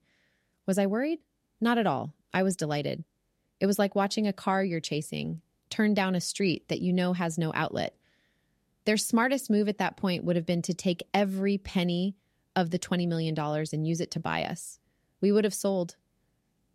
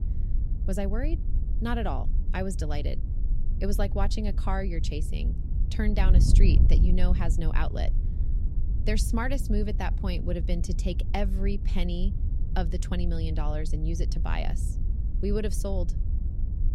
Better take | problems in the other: first | wind noise on the microphone; occasional gusts; 10 dB below the speech

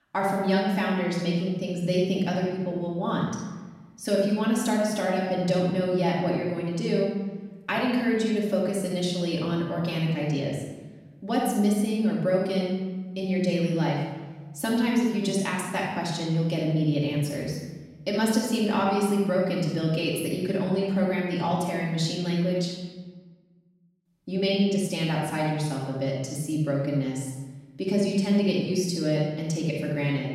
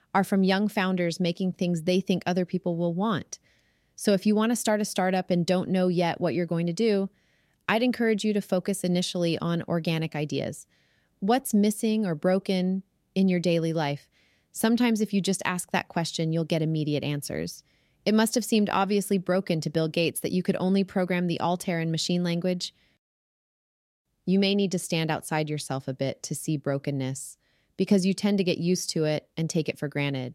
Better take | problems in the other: second | off-mic speech; far // room echo; noticeable; dies away in 1.2 s

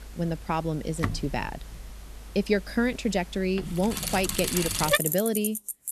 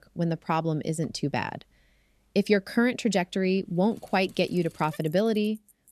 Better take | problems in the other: second | traffic noise; loud; throughout; 1 dB below the speech; faint in the second

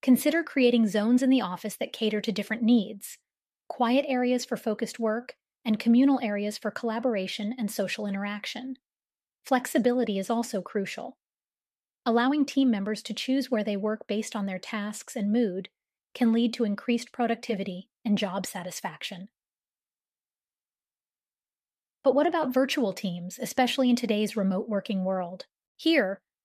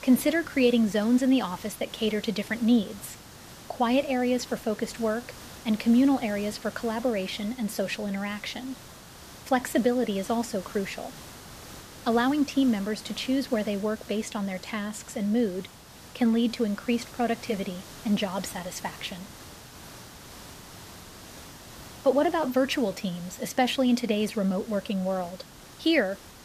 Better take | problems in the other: first | hiss; noticeable; throughout; 15 dB below the speech

